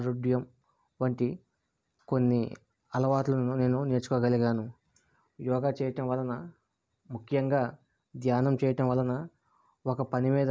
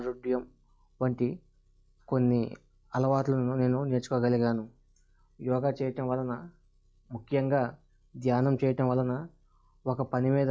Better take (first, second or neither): first